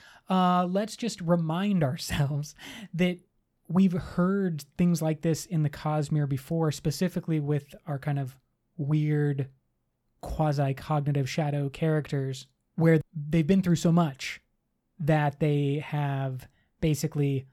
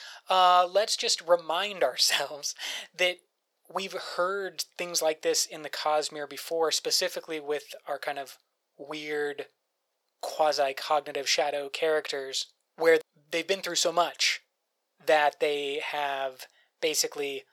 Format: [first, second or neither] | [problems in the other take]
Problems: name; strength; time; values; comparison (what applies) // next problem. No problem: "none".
first | thin; very; fading below 500 Hz